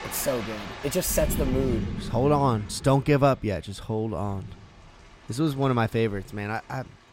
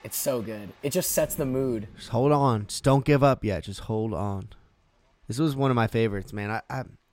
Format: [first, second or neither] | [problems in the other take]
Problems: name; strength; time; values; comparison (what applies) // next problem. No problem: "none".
second | rain or running water; loud; throughout; 8 dB below the speech; faint in the second